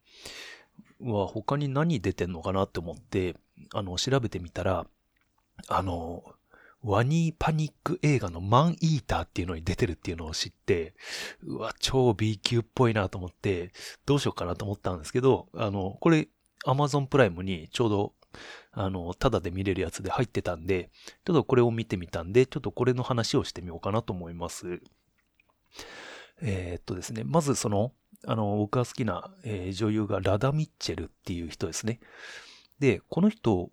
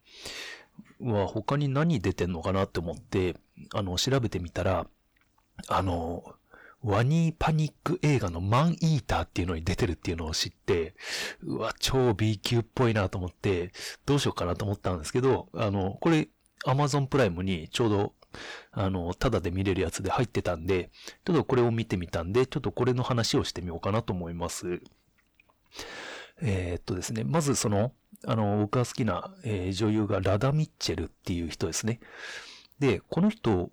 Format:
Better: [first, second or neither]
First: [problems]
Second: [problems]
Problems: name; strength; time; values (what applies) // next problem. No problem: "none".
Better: first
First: none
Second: distortion; slight; 10 dB below the speech